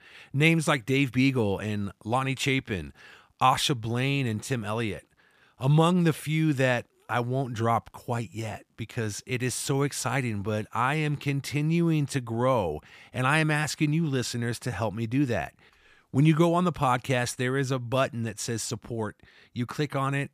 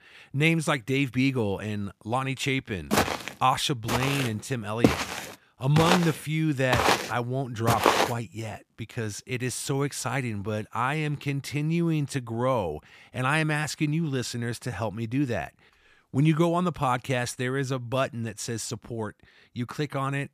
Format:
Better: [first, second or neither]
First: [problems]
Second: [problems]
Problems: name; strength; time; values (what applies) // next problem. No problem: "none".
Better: first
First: none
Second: footsteps; loud; from 3 to 8 s; peak 6 dB above the speech